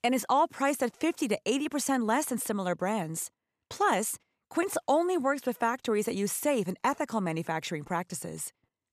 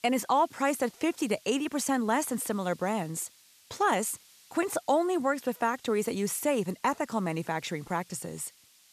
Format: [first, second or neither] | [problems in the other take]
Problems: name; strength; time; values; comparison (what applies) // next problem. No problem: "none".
first | hiss; faint; throughout; 25 dB below the speech